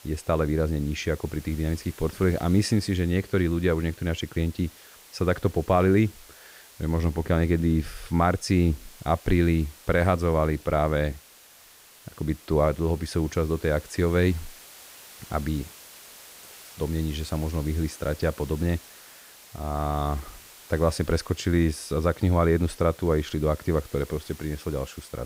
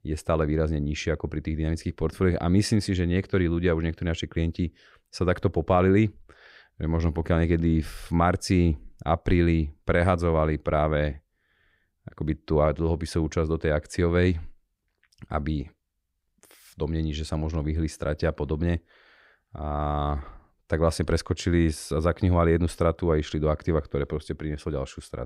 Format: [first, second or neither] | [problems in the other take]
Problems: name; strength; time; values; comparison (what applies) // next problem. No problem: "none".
second | hiss; faint; throughout; 20 dB below the speech